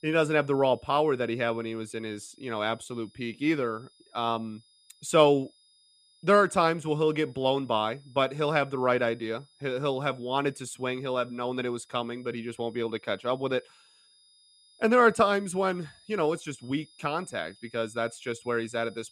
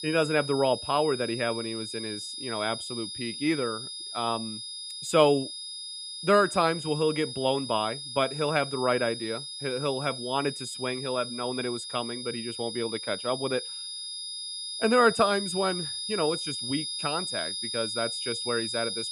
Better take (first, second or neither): first